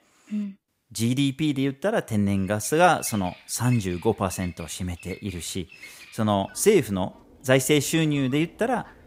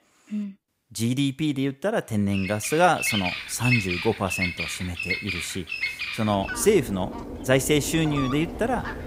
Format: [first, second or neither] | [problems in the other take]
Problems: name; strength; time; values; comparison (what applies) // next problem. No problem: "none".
first | animal sounds; loud; from 3 s on; 5 dB below the speech; faint in the first